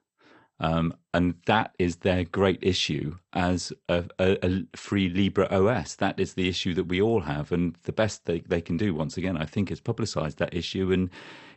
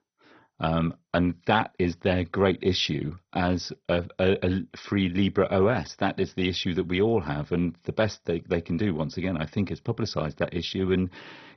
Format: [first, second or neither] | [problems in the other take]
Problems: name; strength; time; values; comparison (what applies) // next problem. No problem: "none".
first | garbled, watery; badly; nothing above 6 kHz; slightly in the first